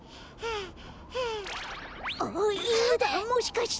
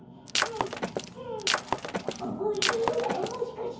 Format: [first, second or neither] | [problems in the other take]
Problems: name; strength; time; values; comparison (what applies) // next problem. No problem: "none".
first | background sound (Shatter); 2 dB above the speech // room echo; dies away in 0.9 s